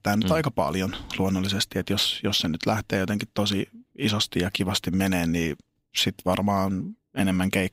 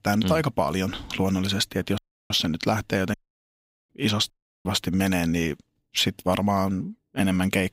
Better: first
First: none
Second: audio cutting out; at 2 s, at 3 s for 1 s and at 4.5 s

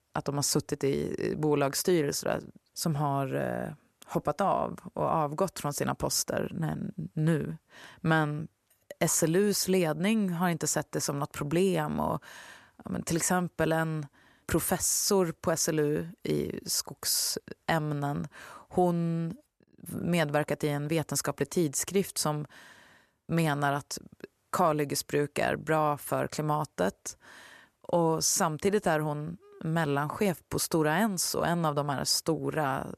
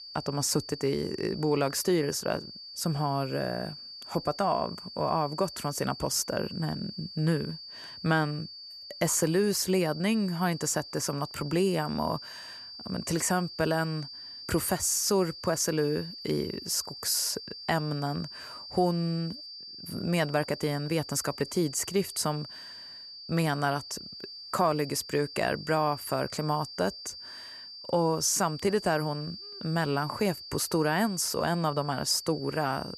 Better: first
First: none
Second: high-pitched whine; noticeable; throughout; 4.5 kHz, 10 dB below the speech

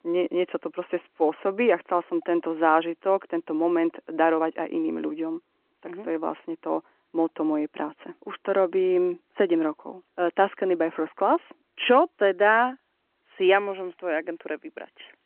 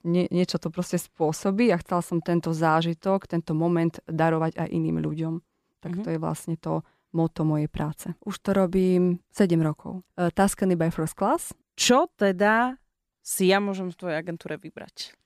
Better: second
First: phone-call audio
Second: none

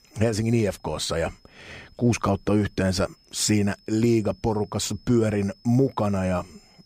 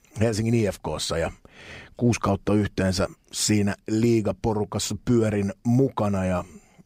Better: second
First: high-pitched whine; faint; throughout; 5 kHz, 30 dB below the speech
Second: none

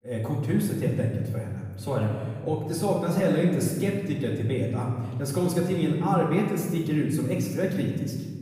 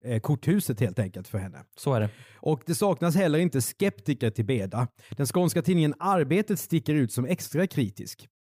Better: second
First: off-mic speech; far // room echo; noticeable; dies away in 1.6 s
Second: none

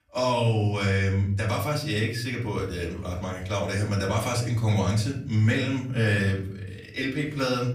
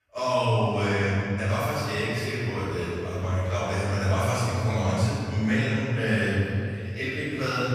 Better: first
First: room echo; slight; dies away in 0.7 s // off-mic speech; far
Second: room echo; strong; dies away in 2.3 s // off-mic speech; far

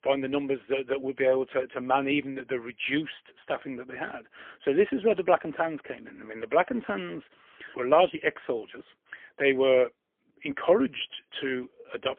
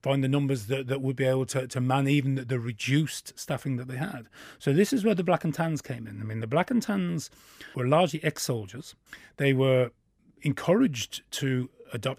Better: second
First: phone-call audio; poor line; nothing above 3.5 kHz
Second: none

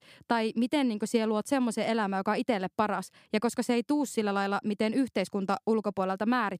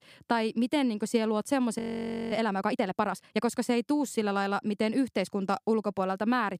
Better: first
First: none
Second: audio freezing; at 2 s for 0.5 s

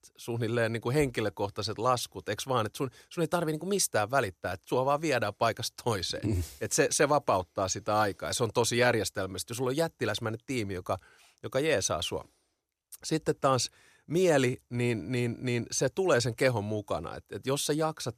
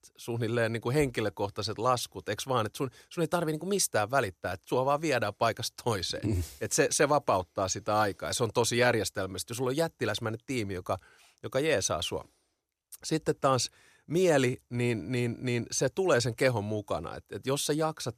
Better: neither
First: none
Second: none

